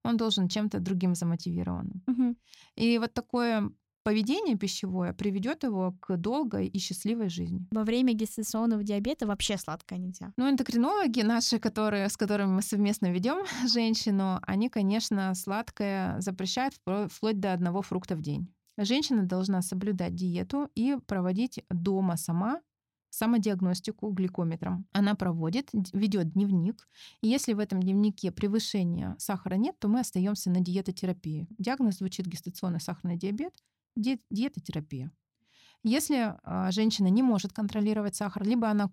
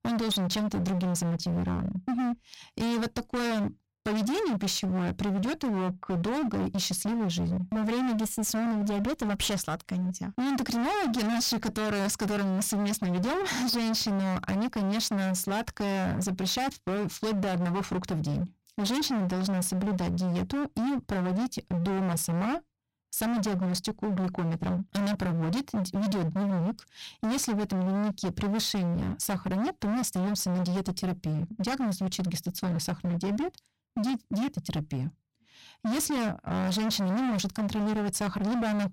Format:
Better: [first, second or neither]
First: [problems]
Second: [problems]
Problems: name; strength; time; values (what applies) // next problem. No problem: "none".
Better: first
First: none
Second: distortion; heavy; 41% of the sound clipped